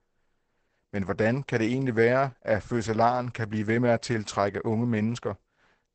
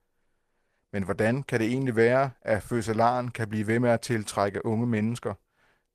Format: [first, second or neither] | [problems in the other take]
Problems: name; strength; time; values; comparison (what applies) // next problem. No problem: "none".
second | garbled, watery; badly; nothing above 8 kHz; slightly in the second